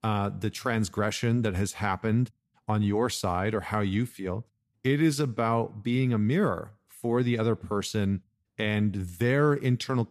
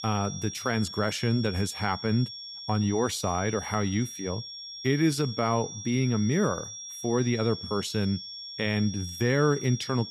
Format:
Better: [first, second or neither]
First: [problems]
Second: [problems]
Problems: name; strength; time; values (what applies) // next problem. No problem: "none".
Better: first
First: none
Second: high-pitched whine; loud; throughout; 5.5 kHz, 9 dB below the speech